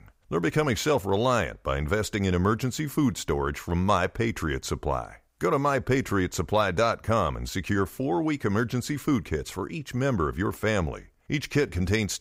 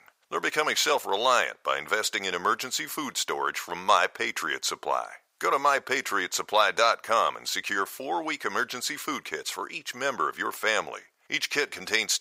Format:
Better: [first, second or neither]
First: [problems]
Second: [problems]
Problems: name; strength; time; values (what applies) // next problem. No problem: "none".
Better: first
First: none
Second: thin; very; fading below 750 Hz